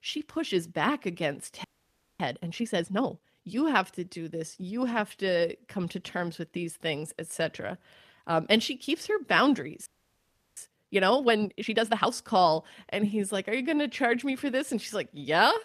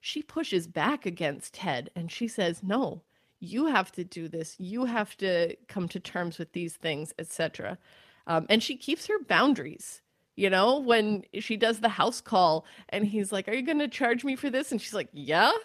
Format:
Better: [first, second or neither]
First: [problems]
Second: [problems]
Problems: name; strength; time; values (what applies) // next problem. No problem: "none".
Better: second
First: audio freezing; at 1.5 s for 0.5 s and at 10 s for 0.5 s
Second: none